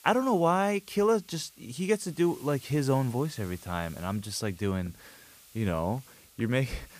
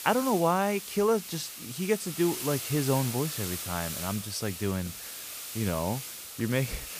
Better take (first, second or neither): first